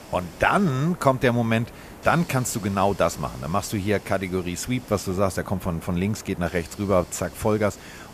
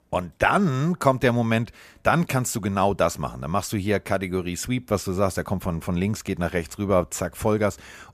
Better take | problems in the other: second | hiss; noticeable; throughout; 20 dB below the speech

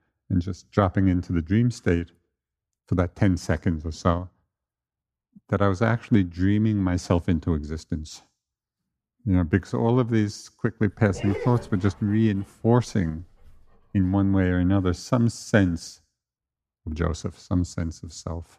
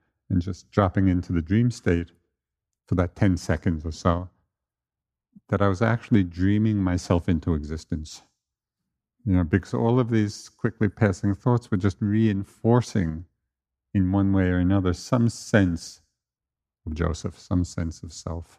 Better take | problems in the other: second | dog barking; noticeable; from 11 to 14 s; peak 8 dB below the speech

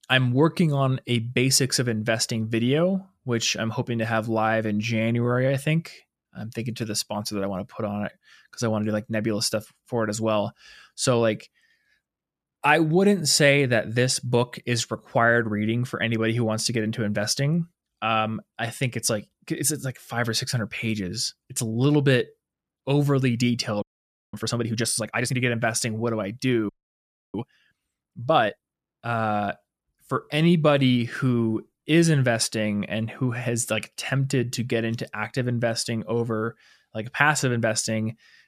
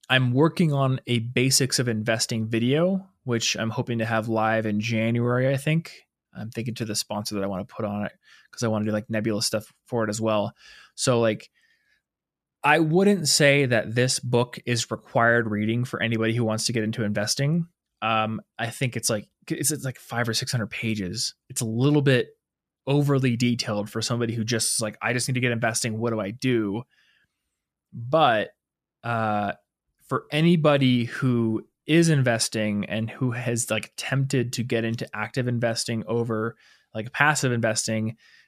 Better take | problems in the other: second | audio freezing; at 24 s for 0.5 s and at 27 s for 0.5 s

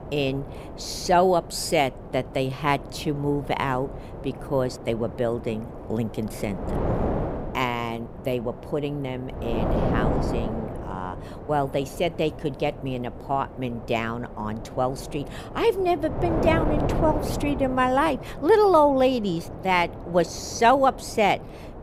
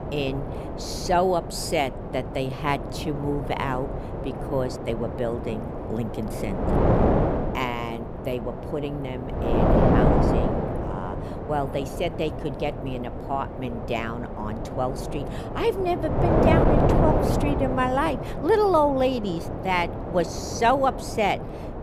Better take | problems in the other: first | wind noise on the microphone; heavy; 3 dB below the speech; occasional gusts in the first

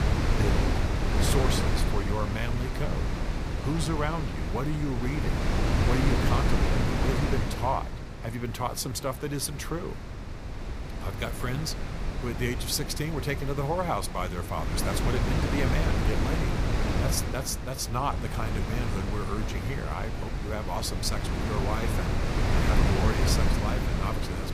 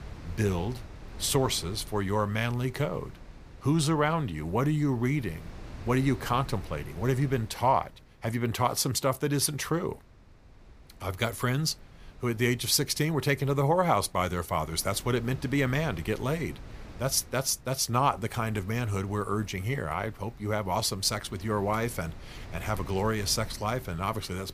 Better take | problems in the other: second | wind noise on the microphone; heavy; 1 dB below the speech; occasional gusts in the second

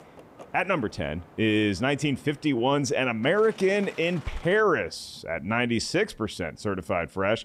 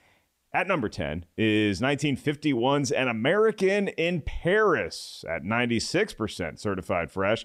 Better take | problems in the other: second | train or aircraft noise; faint; throughout; 25 dB below the speech

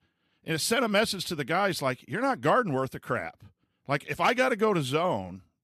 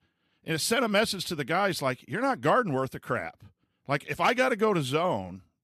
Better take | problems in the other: neither | none

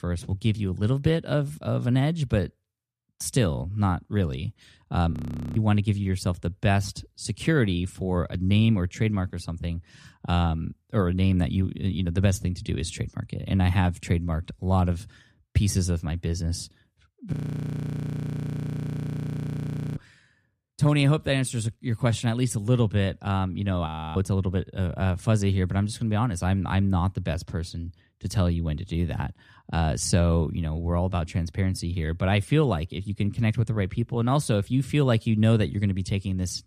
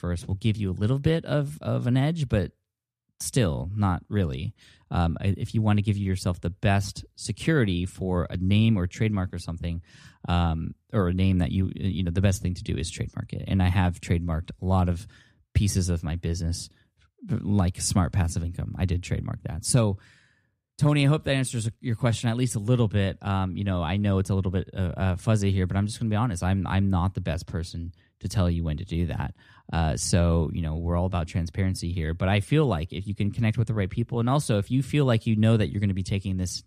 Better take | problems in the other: second | audio freezing; at 5 s, at 17 s for 2.5 s and at 24 s

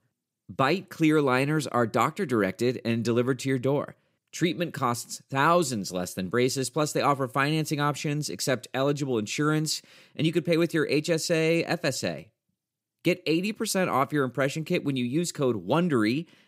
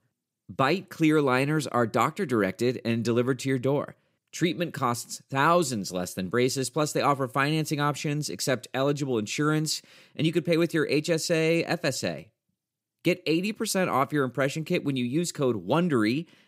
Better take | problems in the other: neither | none

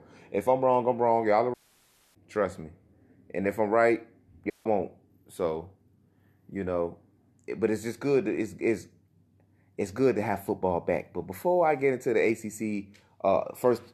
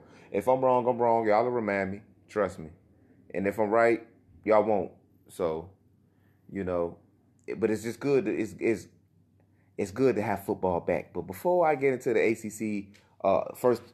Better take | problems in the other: second | audio cutting out; at 1.5 s for 0.5 s and at 4.5 s

